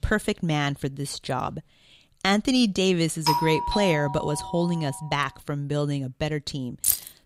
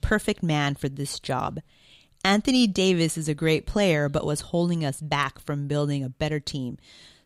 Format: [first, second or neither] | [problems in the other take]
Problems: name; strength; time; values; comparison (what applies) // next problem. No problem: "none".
second | doorbell; loud; from 3.5 to 4.5 s; peak 1 dB above the speech // jangling keys; loud; at 7 s; peak 3 dB above the speech